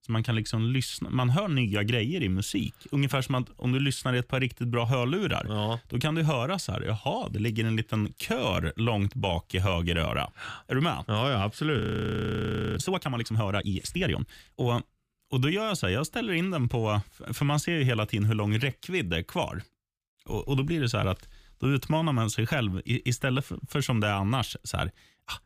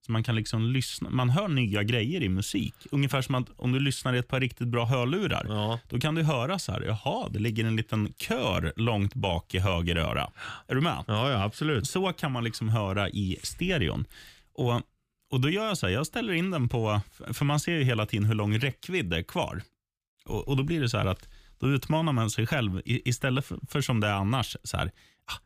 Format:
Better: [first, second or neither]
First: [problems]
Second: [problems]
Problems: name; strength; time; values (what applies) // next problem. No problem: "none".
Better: second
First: audio freezing; at 12 s for 1 s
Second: none